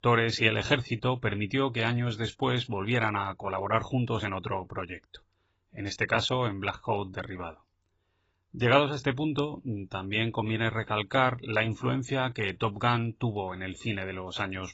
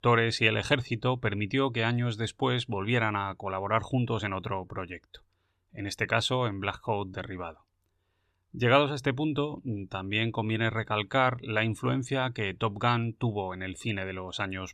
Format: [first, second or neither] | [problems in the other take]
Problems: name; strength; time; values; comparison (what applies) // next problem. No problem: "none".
second | garbled, watery; badly; nothing above 7.5 kHz